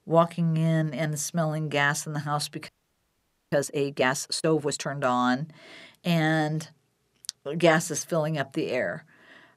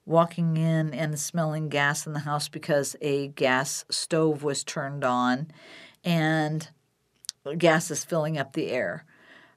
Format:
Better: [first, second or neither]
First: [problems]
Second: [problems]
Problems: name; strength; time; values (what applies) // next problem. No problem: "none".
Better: second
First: audio freezing; at 2.5 s for 1 s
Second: none